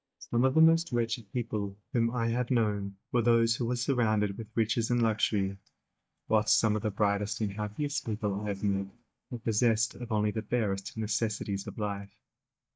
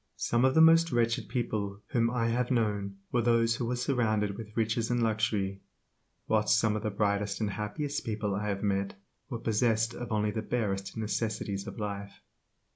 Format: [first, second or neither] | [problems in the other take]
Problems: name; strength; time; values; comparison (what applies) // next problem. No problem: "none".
second | noise reduction (neural mask model DeepFilterNet 3)